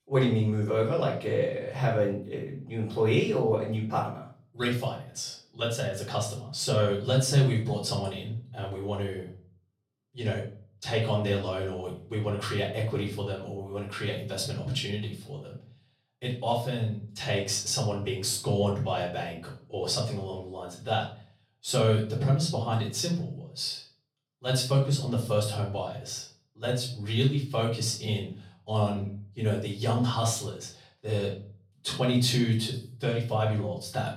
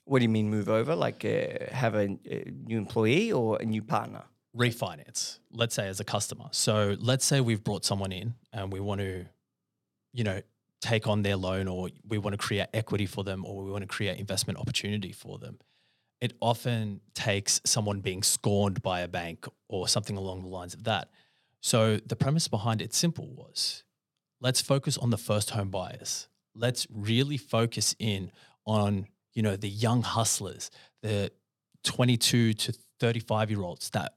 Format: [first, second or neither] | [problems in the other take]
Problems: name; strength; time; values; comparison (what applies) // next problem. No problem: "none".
second | off-mic speech; far // room echo; slight; dies away in 0.4 s